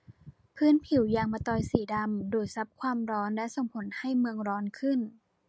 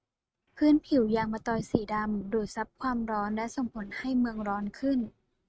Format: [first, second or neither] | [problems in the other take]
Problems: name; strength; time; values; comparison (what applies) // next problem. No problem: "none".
first | noise reduction (neural mask model RNNoise)